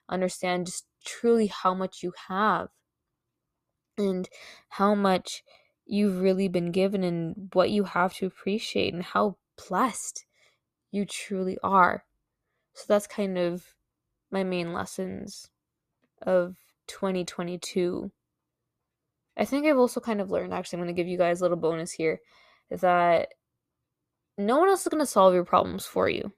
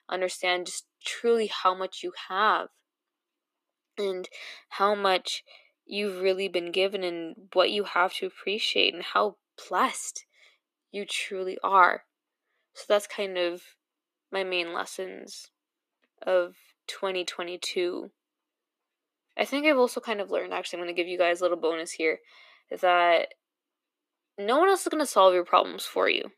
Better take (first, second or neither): first